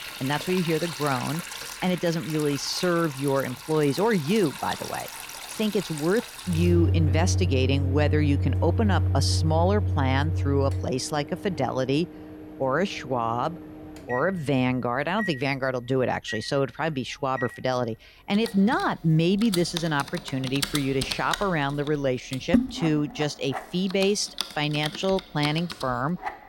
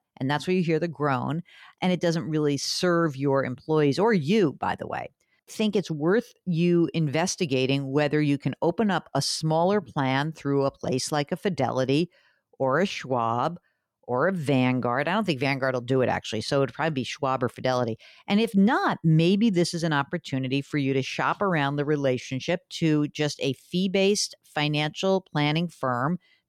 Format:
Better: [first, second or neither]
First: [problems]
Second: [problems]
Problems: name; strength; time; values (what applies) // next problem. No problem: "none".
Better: second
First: household noises; loud; throughout; 4 dB below the speech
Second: none